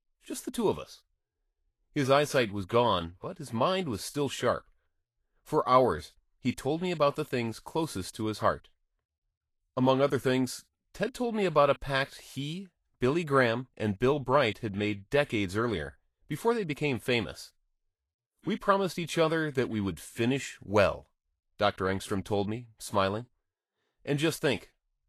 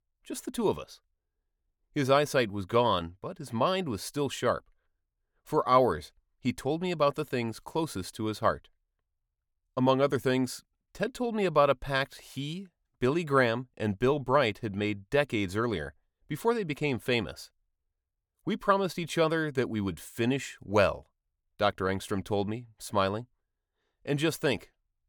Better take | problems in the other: second | garbled, watery; slightly; nothing above 12.5 kHz

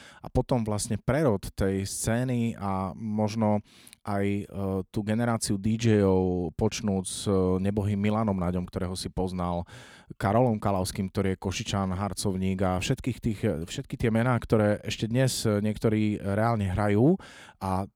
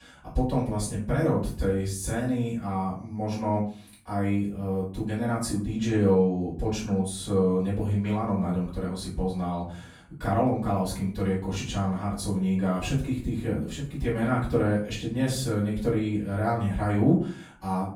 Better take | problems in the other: first | off-mic speech; far // room echo; noticeable; dies away in 0.4 s

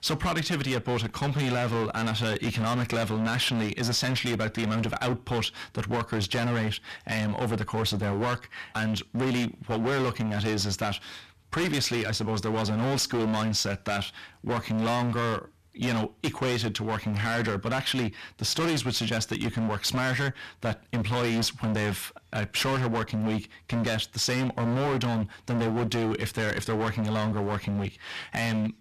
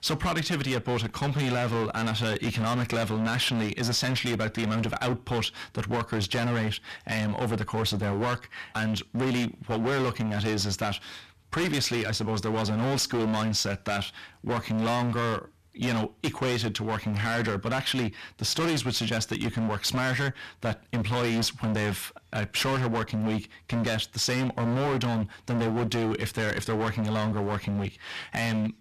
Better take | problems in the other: neither | distortion; heavy; 26% of the sound clipped; the same in both

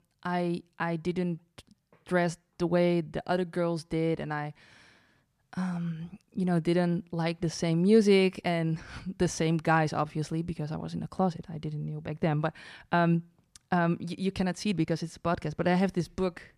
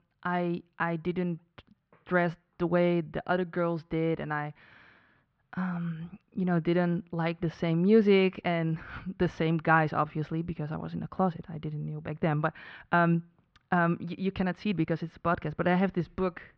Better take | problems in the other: first | muffled; slightly; fading above 3.5 kHz

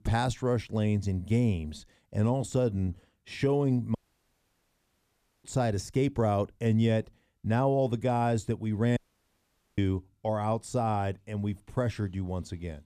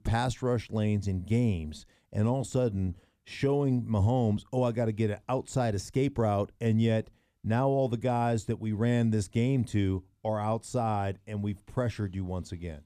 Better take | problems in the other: second | audio cutting out; at 4 s for 1.5 s and at 9 s for 1 s

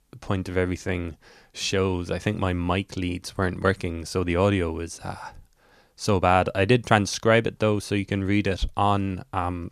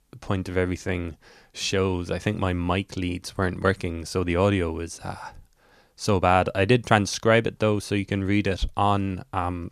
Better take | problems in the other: neither | none

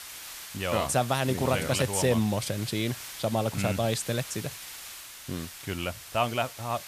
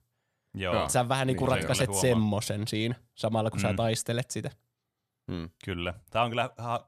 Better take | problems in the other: second | hiss; noticeable; throughout; 10 dB below the speech

